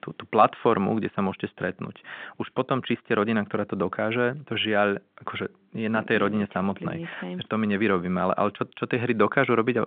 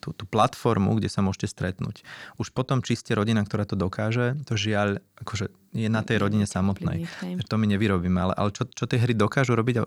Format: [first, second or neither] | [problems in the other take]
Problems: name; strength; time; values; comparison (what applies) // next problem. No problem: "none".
second | phone-call audio